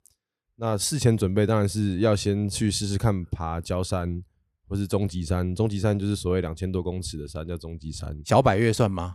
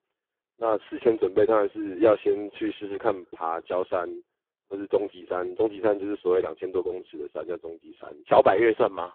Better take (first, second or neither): first